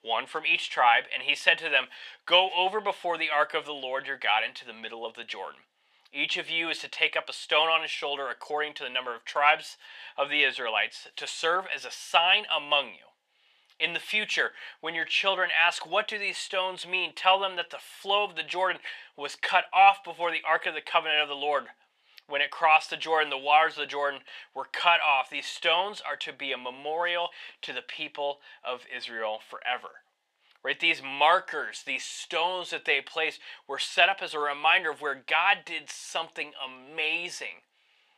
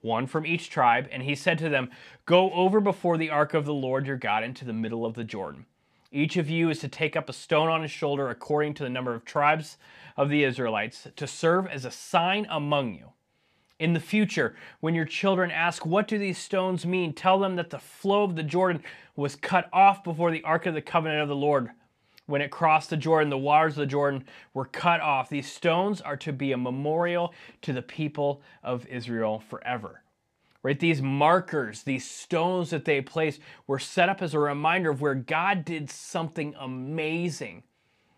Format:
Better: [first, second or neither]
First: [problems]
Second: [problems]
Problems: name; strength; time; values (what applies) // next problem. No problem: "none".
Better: second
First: thin; very; fading below 750 Hz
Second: none